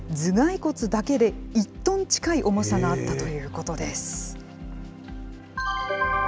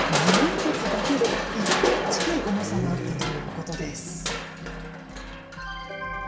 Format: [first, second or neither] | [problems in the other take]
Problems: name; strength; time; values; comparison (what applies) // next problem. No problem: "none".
first | background sound (Crushing); 1 dB above the speech // room echo; dies away in 1.1 s